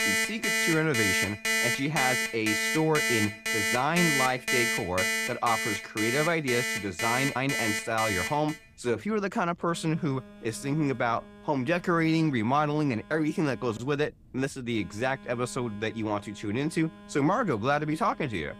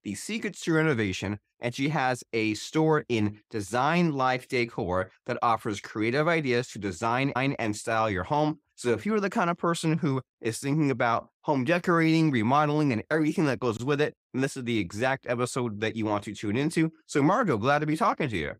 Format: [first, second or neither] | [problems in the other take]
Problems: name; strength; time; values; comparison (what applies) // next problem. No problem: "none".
second | alarms or sirens; very loud; throughout; 1 dB above the speech